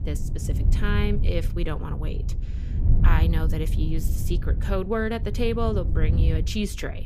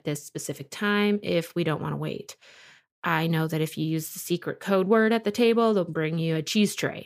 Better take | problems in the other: second | wind noise on the microphone; occasional gusts; 10 dB below the speech

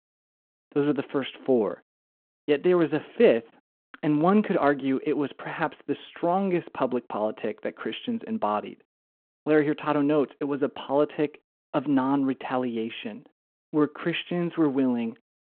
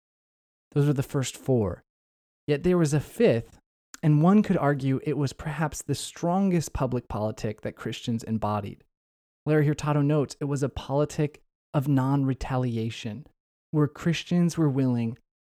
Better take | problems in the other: second | phone-call audio

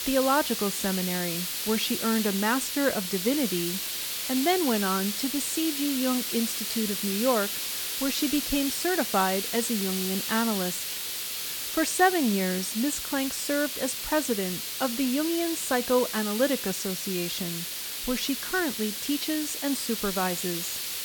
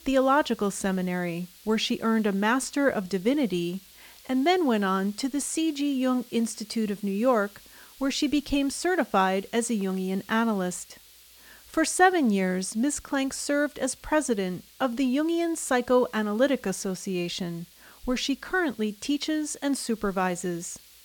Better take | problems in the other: second | hiss; loud; throughout; 2 dB below the speech; faint in the second

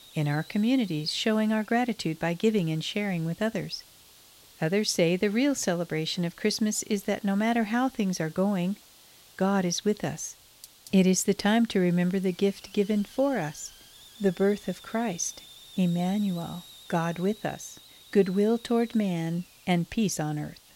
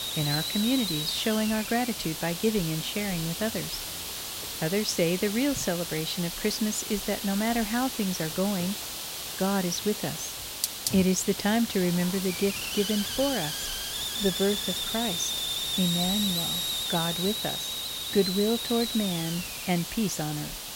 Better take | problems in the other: first | hiss; loud; throughout; 2 dB below the speech; faint in the first

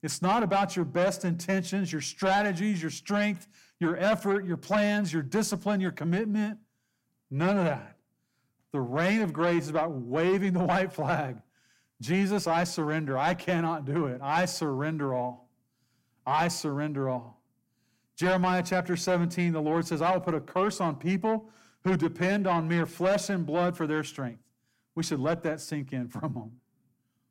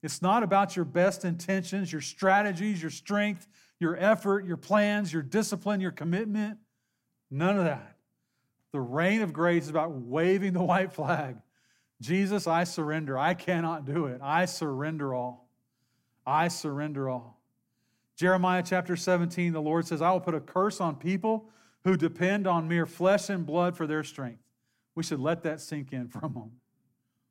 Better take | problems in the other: second | distortion; slight; 10 dB below the speech

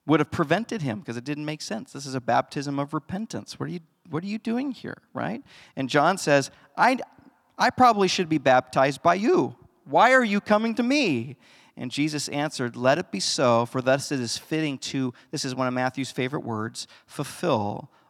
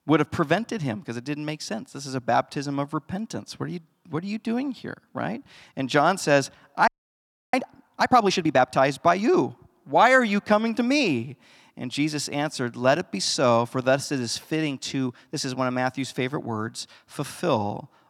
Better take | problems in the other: first | audio freezing; at 7 s for 0.5 s

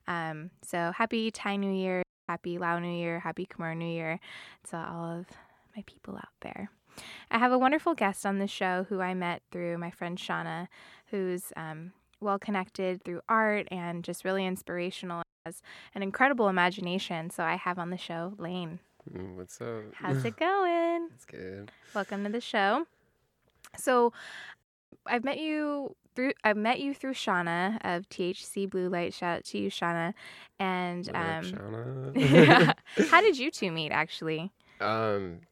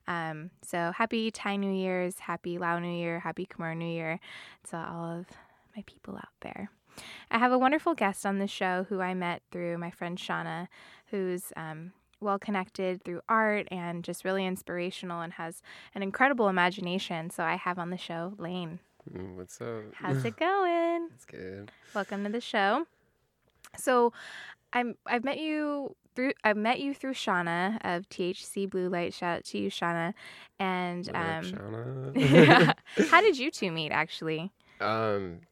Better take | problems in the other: second | audio cutting out; at 2 s, at 15 s and at 25 s

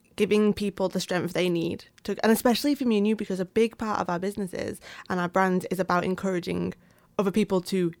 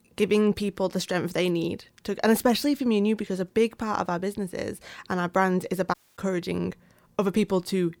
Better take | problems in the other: first | audio cutting out; at 6 s

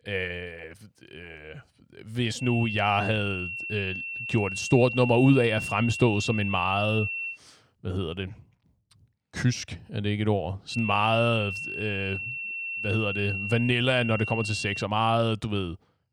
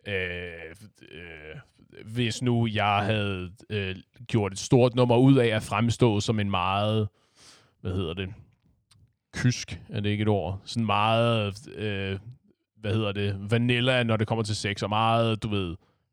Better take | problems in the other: second | high-pitched whine; loud; from 2.5 to 7.5 s and from 11 to 15 s; 2.5 kHz, 5 dB below the speech

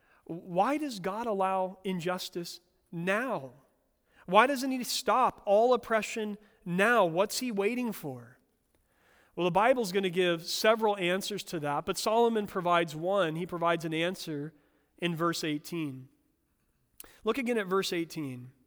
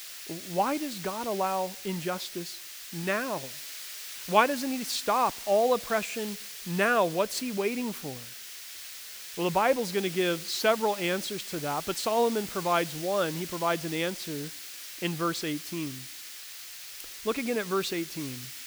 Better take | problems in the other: first | hiss; loud; throughout; 9 dB below the speech

